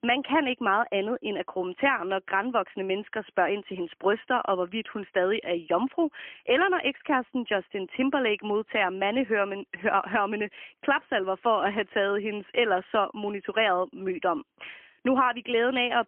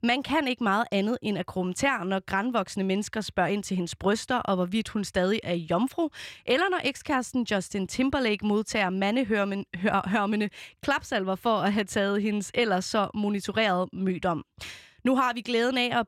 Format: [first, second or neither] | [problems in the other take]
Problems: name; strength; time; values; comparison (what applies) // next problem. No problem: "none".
second | phone-call audio; poor line; nothing above 3 kHz